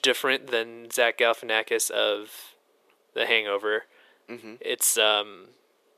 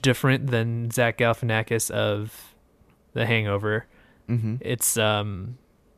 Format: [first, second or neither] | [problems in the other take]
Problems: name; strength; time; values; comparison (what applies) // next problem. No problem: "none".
second | thin; very; fading below 400 Hz